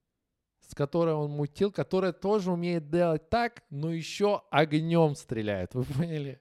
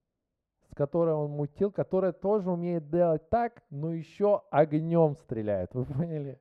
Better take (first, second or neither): first